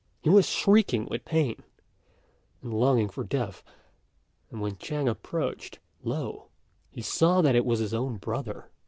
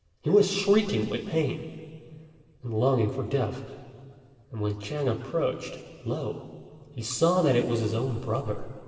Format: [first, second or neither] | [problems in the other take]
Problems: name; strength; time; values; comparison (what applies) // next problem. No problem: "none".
first | room echo; dies away in 2.5 s